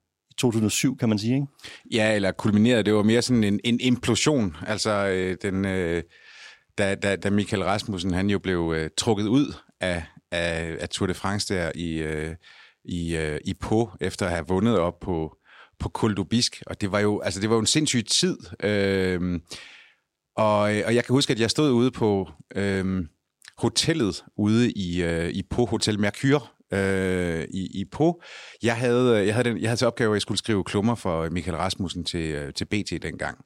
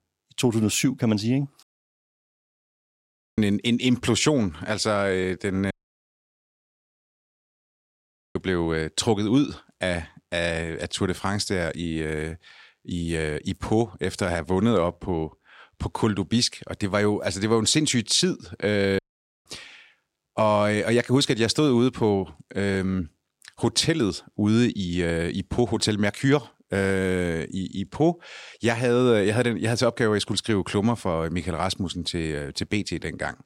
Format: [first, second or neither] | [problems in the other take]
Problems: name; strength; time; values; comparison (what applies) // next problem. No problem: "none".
first | audio cutting out; at 1.5 s for 2 s, at 5.5 s for 2.5 s and at 19 s